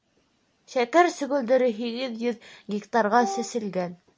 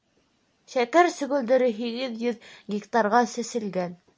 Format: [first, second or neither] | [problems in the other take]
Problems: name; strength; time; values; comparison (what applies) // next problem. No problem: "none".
second | background sound (Wind instrument, woodwind instrument); 9 dB below the speech